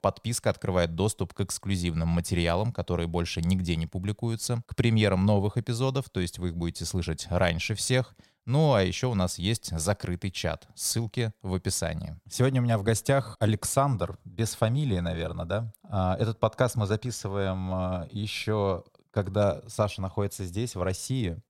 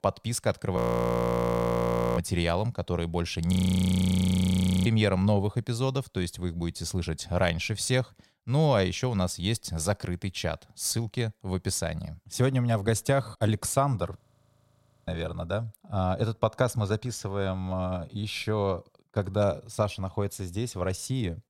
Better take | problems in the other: first | audio freezing; at 1 s for 1.5 s, at 3.5 s for 1.5 s and at 14 s for 1 s

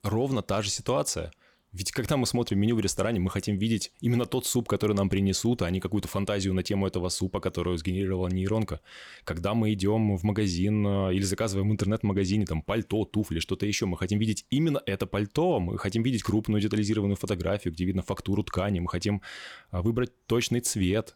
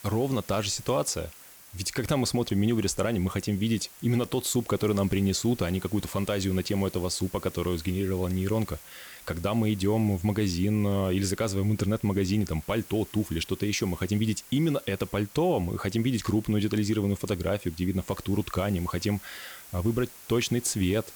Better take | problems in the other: first | hiss; noticeable; throughout; 20 dB below the speech

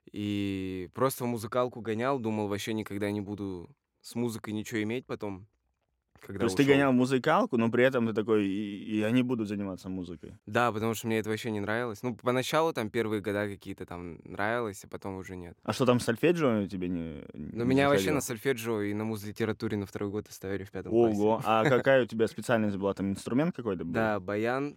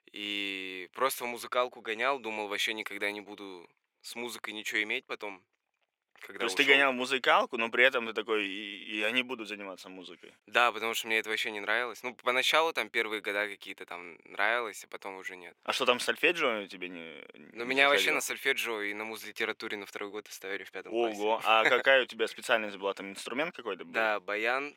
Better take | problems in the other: first | thin; somewhat; fading below 550 Hz

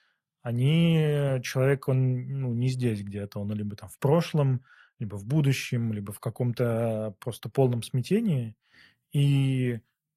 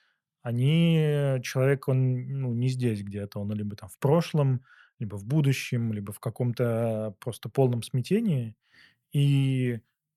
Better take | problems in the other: second | garbled, watery; slightly; nothing above 14.5 kHz

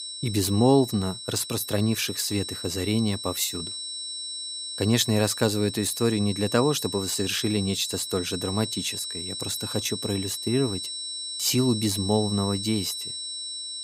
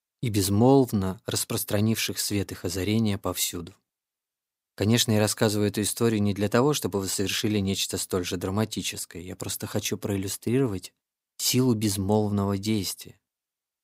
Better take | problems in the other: second | high-pitched whine; loud; throughout; 4 kHz, 6 dB below the speech

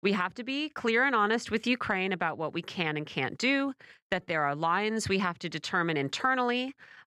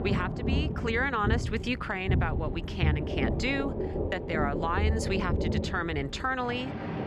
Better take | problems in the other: first | rain or running water; very loud; throughout; as loud as the speech

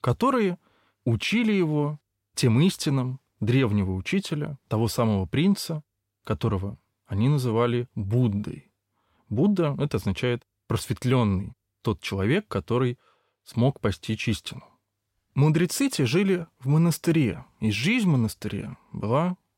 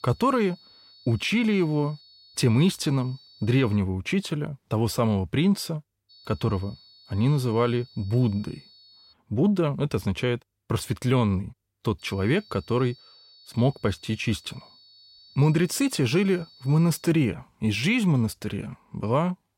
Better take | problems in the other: first | high-pitched whine; faint; until 4 s, from 6 to 9 s and from 12 to 17 s; 4.5 kHz, 25 dB below the speech

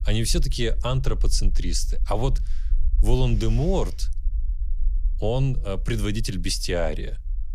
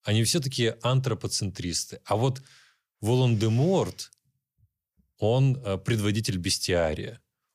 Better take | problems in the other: second | low rumble; faint; throughout; 25 dB below the speech

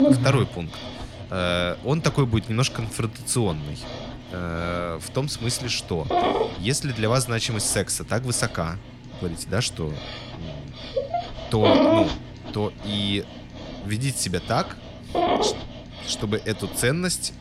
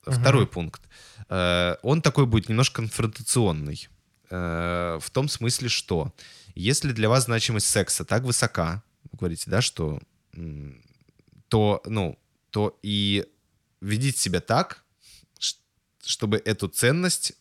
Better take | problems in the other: second | animal sounds; loud; throughout; 3 dB below the speech

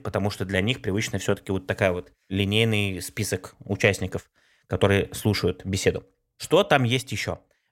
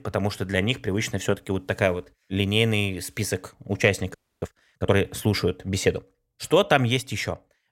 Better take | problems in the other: first | audio freezing; at 4 s

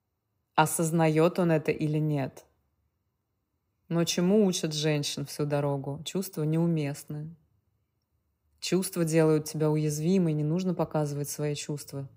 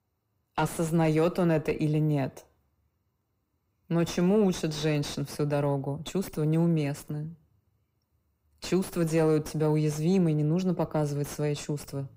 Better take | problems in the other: first | distortion; slight; 10 dB below the speech

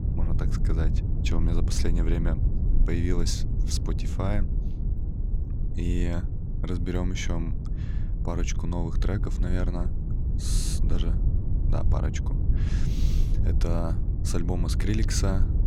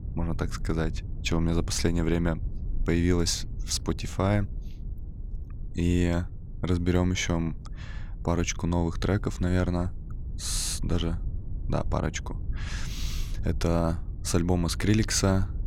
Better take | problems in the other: second | low rumble; loud; throughout; 7 dB below the speech; faint in the second

